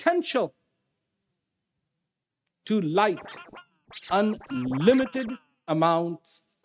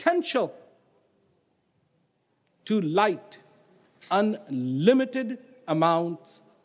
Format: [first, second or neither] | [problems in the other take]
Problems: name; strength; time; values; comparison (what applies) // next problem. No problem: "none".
second | noise reduction (neural mask model RNNoise)